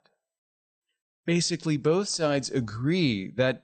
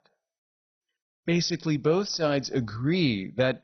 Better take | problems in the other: first | garbled, watery; badly; nothing above 6 kHz; slightly in the first

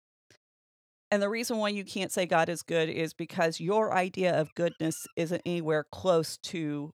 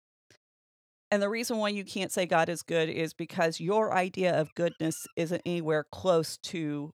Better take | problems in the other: neither | none

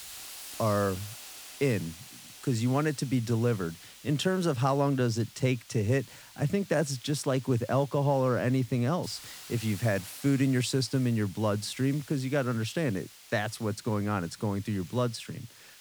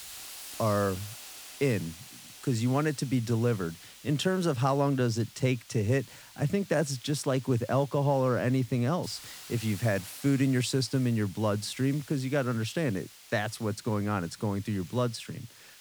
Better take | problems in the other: neither | hiss; noticeable; throughout; 15 dB below the speech; the same in both

